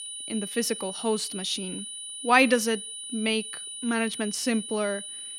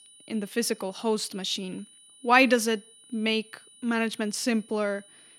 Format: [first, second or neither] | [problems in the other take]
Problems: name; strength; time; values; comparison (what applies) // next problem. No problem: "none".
second | high-pitched whine; loud; throughout; 9.5 kHz, 8 dB below the speech; faint in the second